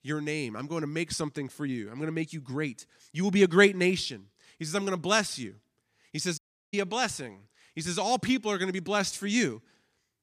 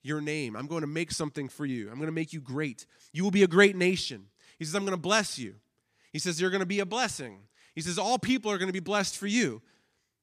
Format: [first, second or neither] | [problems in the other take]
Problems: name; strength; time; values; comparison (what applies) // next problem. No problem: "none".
second | audio cutting out; at 6.5 s